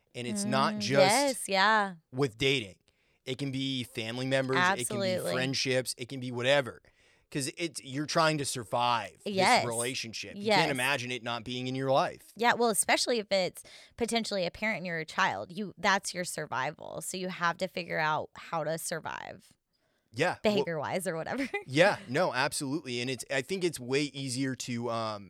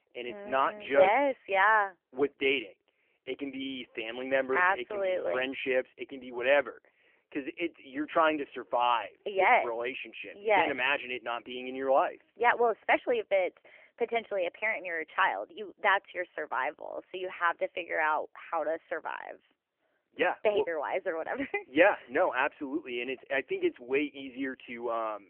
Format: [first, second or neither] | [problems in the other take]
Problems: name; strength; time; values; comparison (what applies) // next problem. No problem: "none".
first | phone-call audio; nothing above 3 kHz